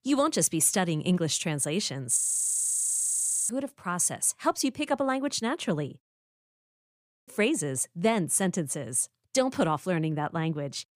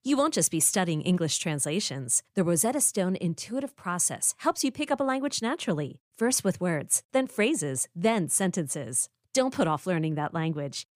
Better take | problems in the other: second | audio freezing; at 2 s for 1.5 s and at 6 s for 1 s

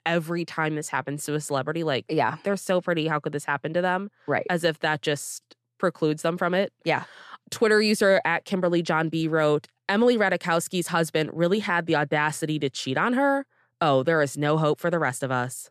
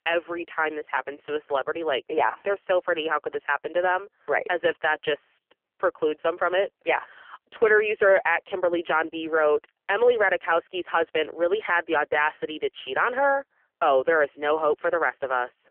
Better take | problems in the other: first | phone-call audio; poor line; nothing above 3 kHz

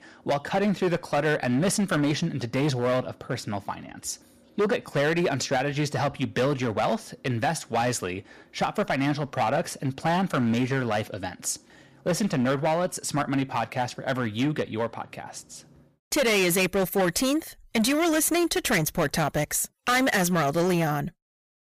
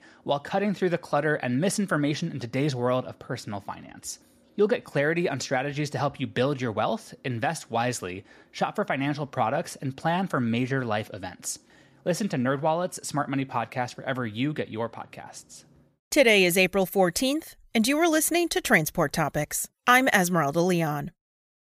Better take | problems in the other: second | distortion; heavy; 11% of the sound clipped

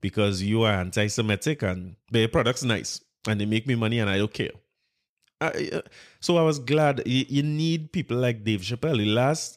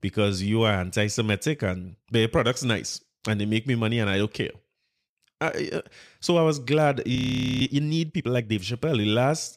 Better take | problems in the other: first | audio freezing; at 7 s

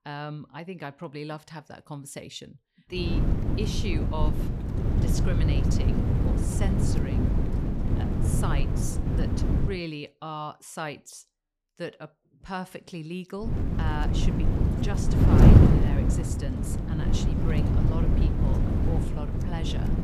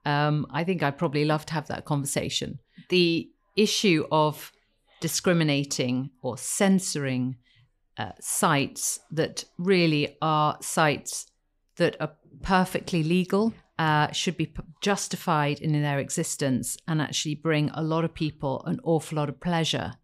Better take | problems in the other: second | wind noise on the microphone; heavy; from 3 to 9.5 s and from 13 s on; 3 dB above the speech

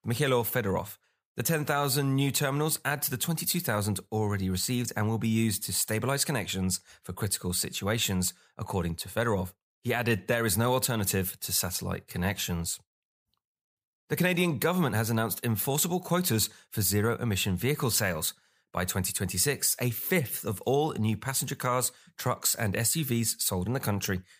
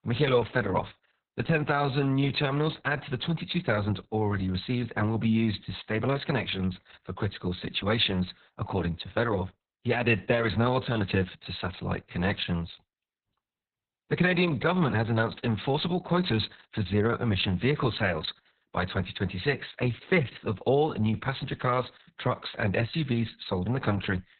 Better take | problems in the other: first | garbled, watery; badly; nothing above 4 kHz

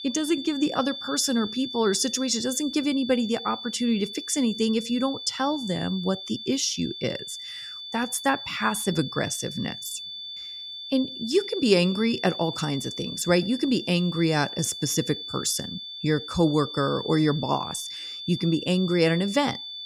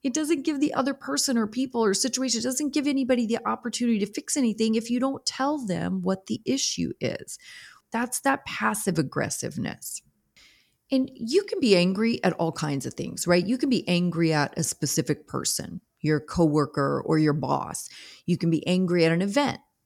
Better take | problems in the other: second | high-pitched whine; loud; throughout; 3.5 kHz, 9 dB below the speech

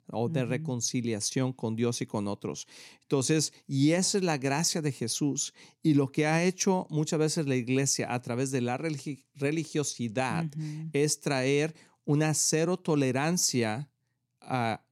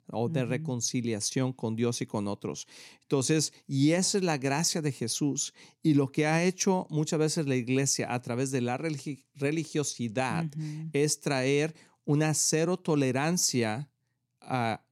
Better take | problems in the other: neither | none

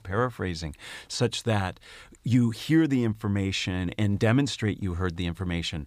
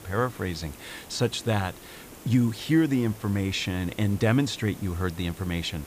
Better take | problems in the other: first | hiss; noticeable; throughout; 20 dB below the speech

